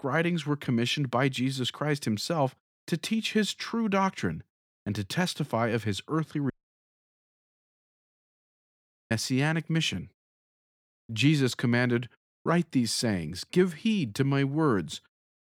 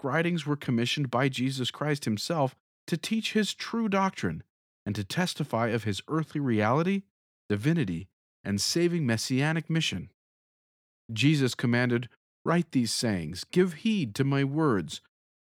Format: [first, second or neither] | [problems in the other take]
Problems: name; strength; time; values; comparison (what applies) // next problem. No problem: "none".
second | audio cutting out; at 6.5 s for 2.5 s